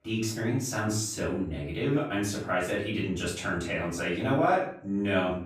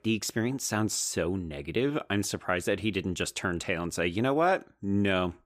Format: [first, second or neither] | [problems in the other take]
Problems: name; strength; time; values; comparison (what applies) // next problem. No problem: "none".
second | off-mic speech; far // room echo; noticeable; dies away in 0.5 s